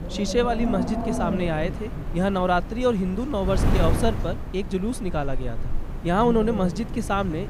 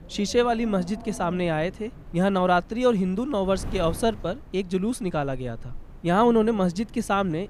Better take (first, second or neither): second